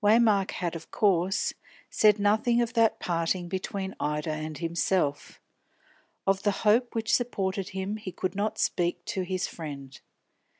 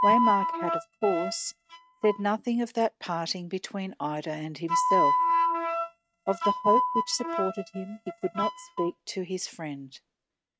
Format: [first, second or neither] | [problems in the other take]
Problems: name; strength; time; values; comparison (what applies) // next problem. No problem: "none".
first | noise reduction (neural mask model RNNoise)